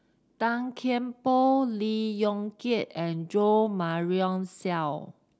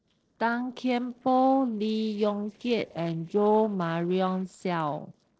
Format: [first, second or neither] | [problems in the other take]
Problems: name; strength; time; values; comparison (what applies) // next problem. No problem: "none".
first | noise reduction (neural separator model SepFormer DNS4)